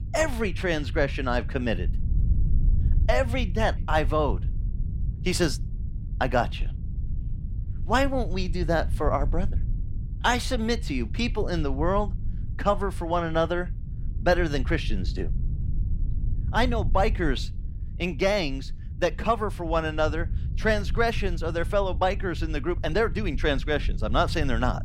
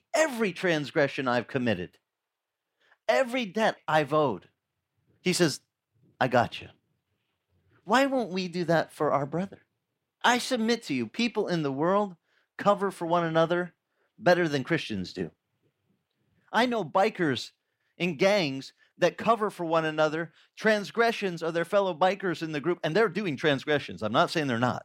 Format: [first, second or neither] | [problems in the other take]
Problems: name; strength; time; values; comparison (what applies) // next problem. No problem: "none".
second | low rumble; faint; throughout; 20 dB below the speech